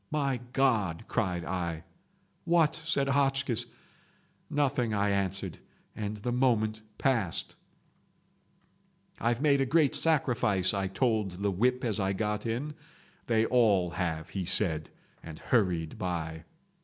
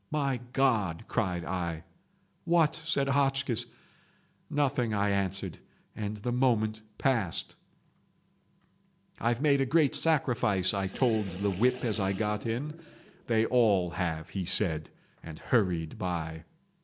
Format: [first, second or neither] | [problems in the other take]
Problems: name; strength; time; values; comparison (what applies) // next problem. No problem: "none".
first | background sound (Sink (filling or washing) / Water); 17 dB below the speech